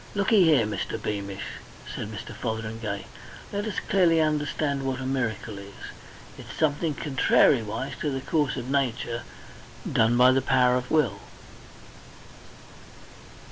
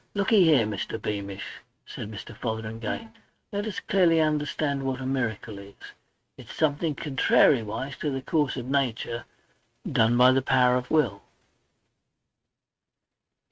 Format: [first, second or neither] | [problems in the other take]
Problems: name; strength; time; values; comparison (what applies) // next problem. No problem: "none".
first | noise reduction (neural mask model RNNoise)